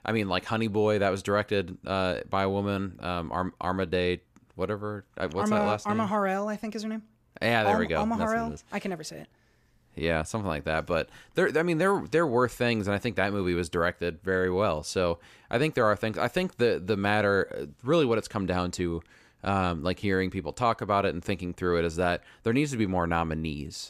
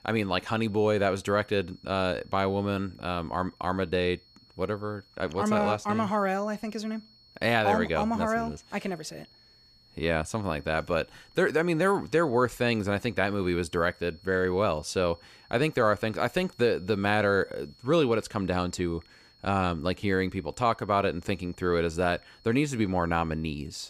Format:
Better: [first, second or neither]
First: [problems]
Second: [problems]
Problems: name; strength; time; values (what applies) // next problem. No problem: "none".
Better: first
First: none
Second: high-pitched whine; faint; throughout; 4.5 kHz, 30 dB below the speech